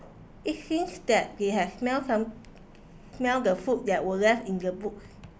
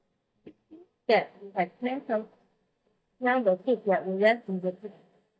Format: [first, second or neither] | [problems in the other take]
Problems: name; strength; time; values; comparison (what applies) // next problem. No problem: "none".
first | noise reduction (neural mask model DeepFilterNet 3)